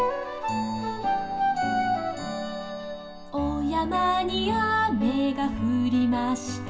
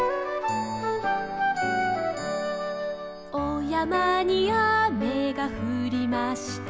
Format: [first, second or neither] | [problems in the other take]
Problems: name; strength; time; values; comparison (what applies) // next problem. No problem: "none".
second | room echo; dies away in 0.2 s